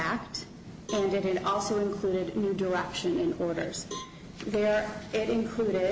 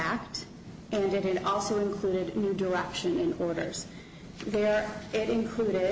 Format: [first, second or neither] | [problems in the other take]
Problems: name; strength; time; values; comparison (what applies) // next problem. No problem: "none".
second | background sound (Cowbell); 19 dB below the speech